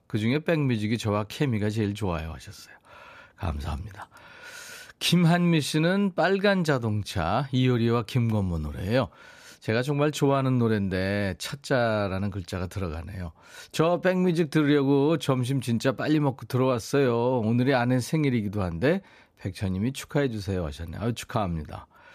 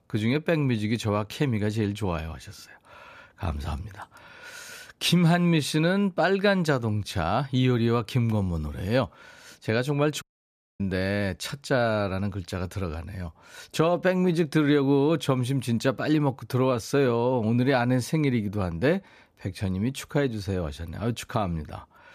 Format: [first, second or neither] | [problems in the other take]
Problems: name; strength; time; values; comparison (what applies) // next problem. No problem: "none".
first | audio cutting out; at 10 s for 0.5 s